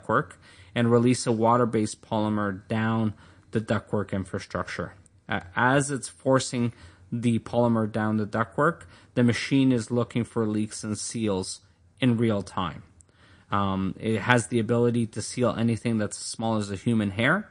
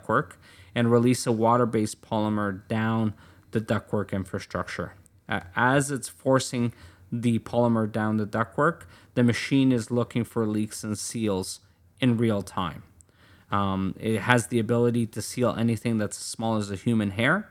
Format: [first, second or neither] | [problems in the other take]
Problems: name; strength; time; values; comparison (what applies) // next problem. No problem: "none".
second | garbled, watery; slightly; nothing above 9.5 kHz